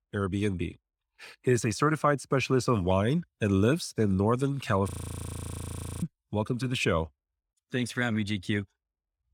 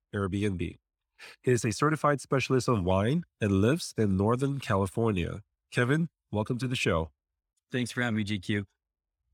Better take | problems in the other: second | audio freezing; at 5 s for 1 s

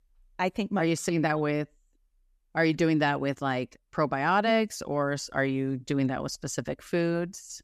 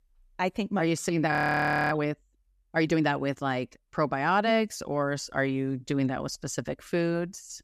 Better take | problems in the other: first | audio freezing; at 1.5 s for 0.5 s

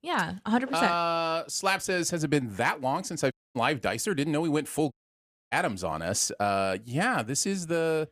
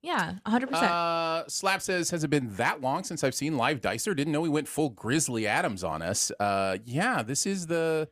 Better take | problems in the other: second | audio cutting out; at 3.5 s and at 5 s for 0.5 s

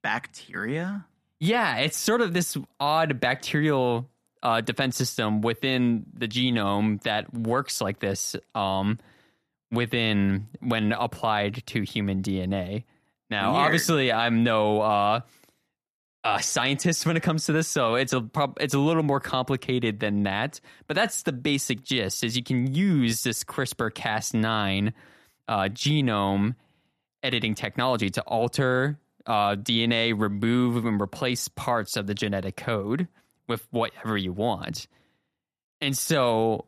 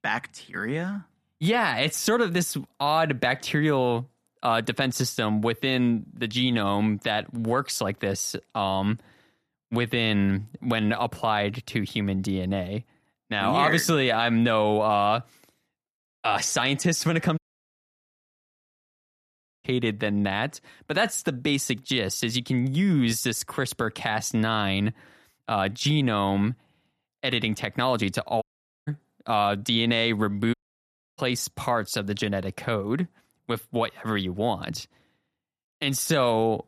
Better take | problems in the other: first | audio cutting out; at 17 s for 2.5 s, at 28 s and at 31 s for 0.5 s

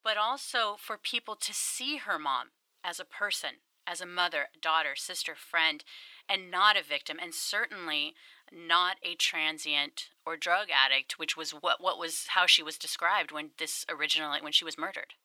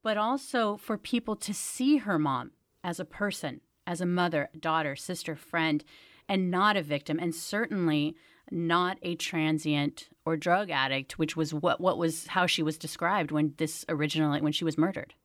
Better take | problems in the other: second | thin; very; fading below 950 Hz

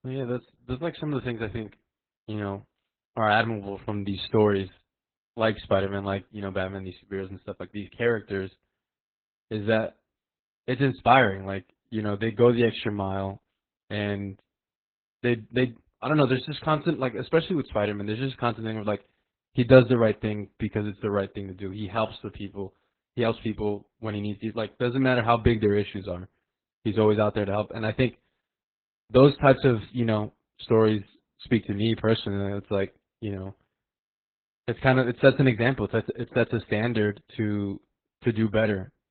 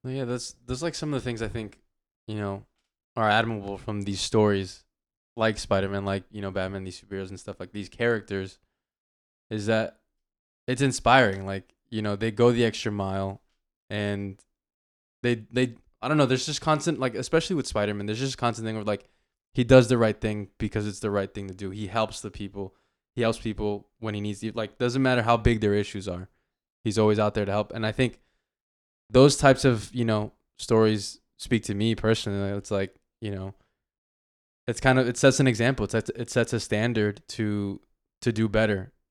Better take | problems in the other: second | garbled, watery; badly; nothing above 4 kHz

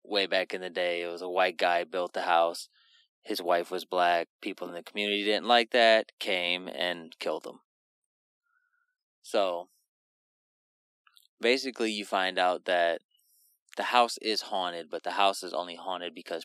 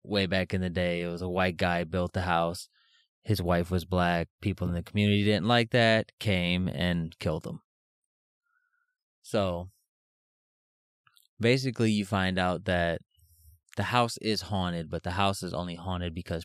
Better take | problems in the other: second | thin; very; fading below 250 Hz

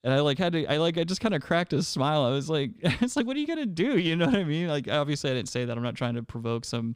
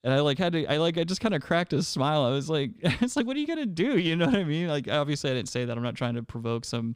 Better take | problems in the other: neither | none

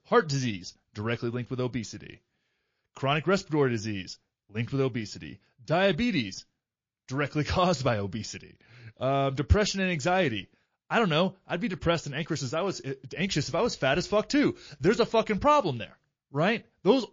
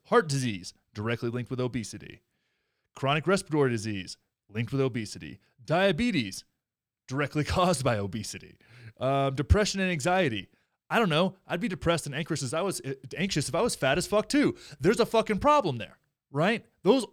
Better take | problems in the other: second | garbled, watery; slightly; nothing above 6.5 kHz

